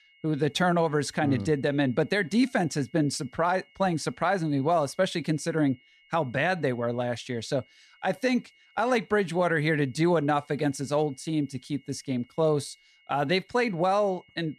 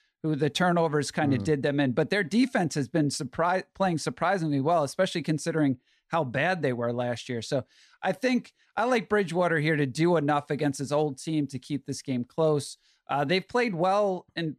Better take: second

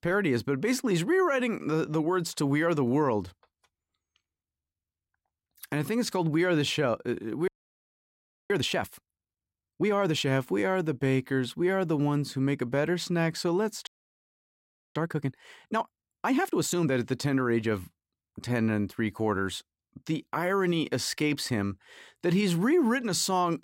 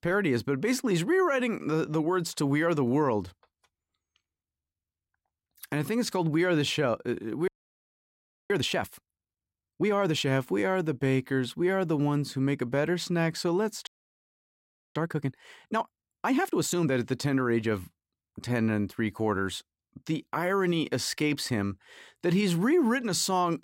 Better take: neither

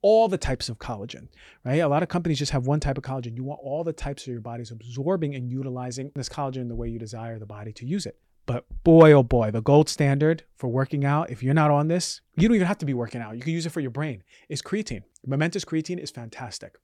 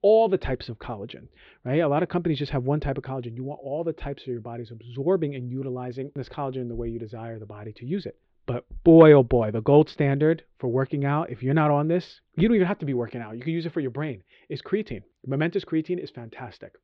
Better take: first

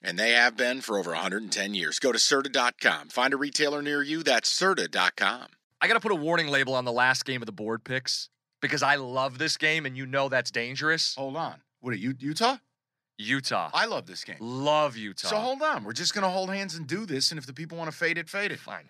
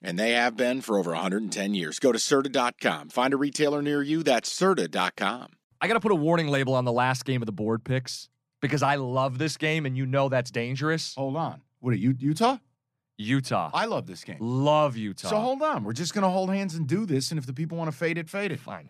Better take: second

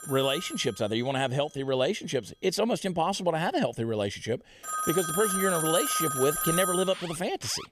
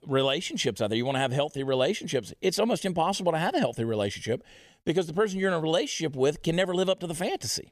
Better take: second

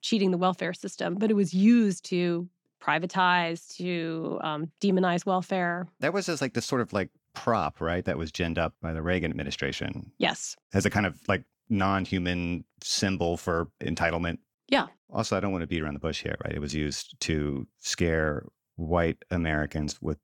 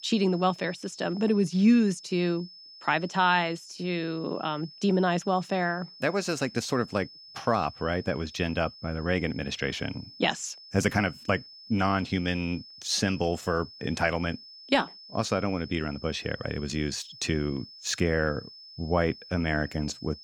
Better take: first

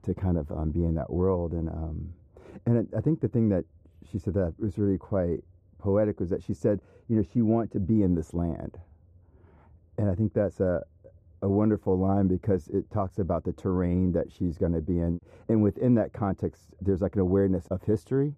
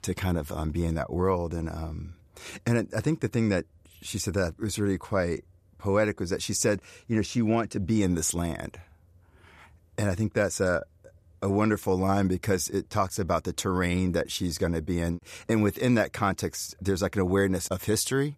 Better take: second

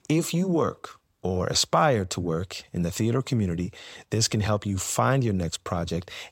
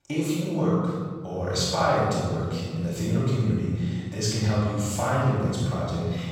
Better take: first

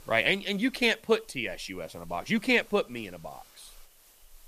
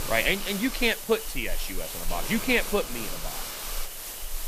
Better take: first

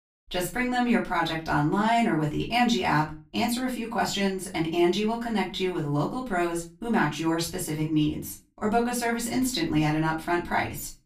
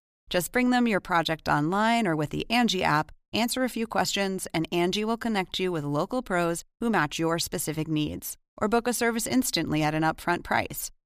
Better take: second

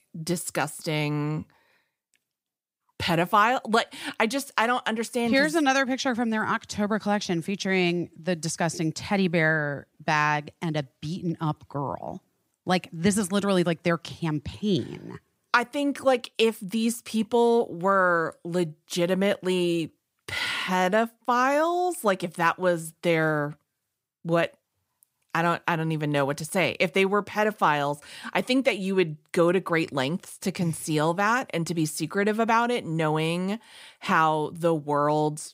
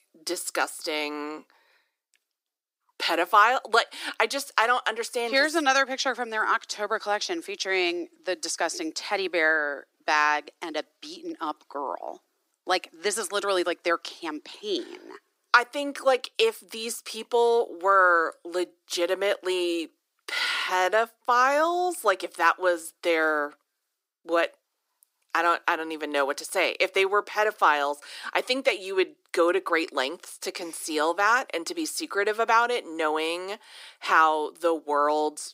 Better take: first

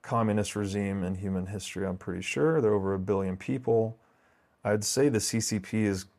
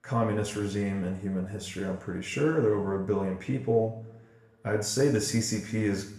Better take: first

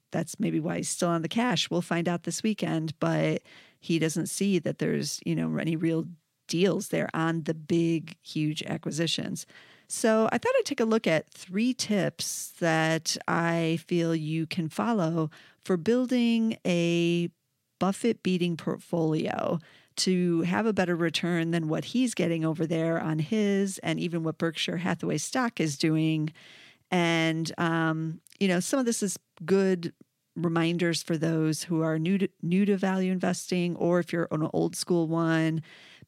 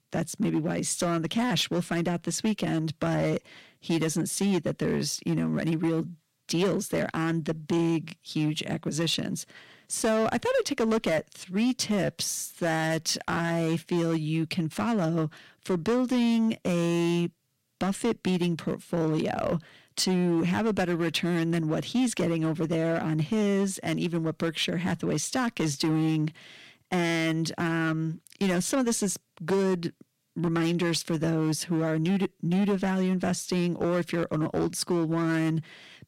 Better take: first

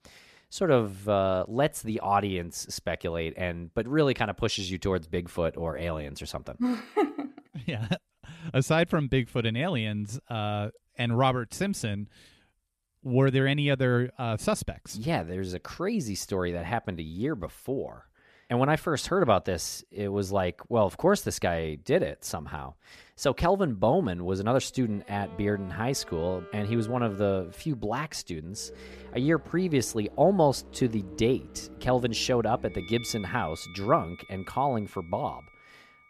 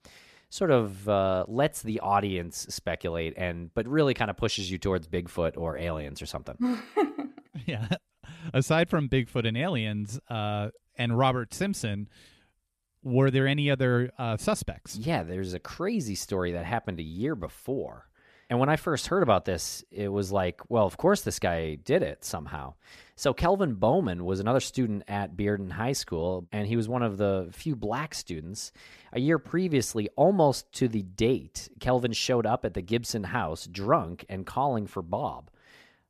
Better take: second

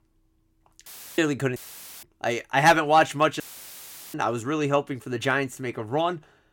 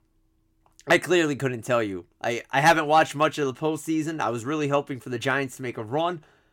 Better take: second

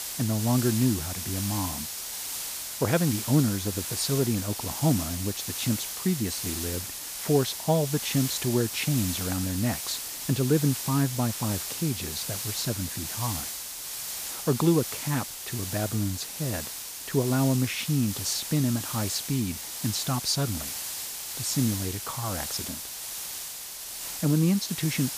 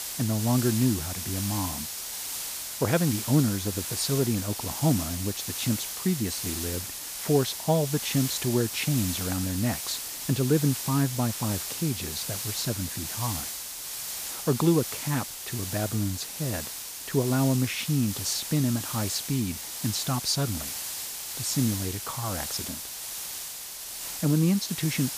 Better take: neither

